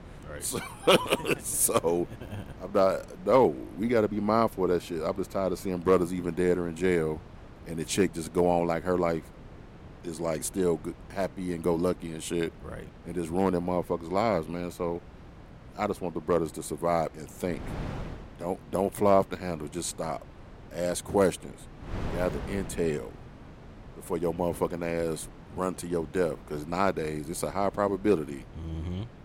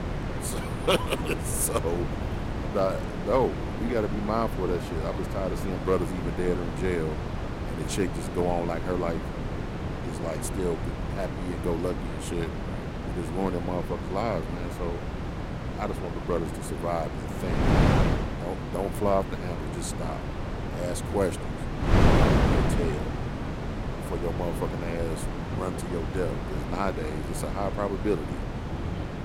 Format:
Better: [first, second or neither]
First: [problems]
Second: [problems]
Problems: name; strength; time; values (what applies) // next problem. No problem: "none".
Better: first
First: wind noise on the microphone; occasional gusts; 20 dB below the speech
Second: wind noise on the microphone; heavy; 3 dB below the speech